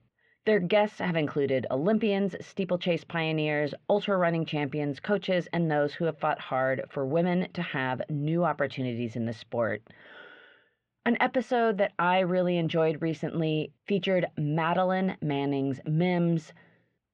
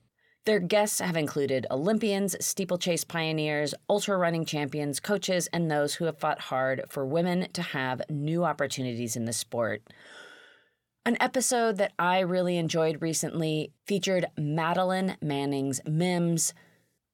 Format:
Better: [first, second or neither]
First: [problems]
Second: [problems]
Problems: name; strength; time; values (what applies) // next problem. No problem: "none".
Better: second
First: muffled; very; fading above 3 kHz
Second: none